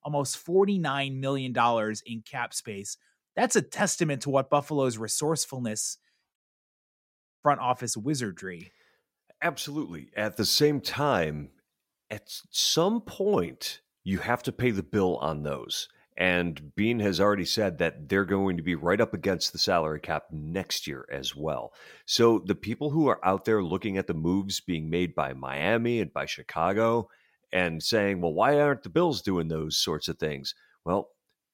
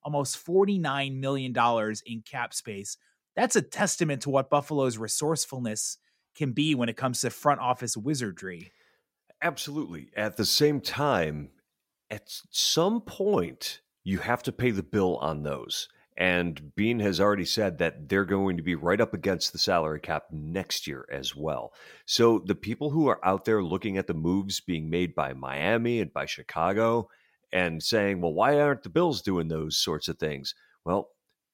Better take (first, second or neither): second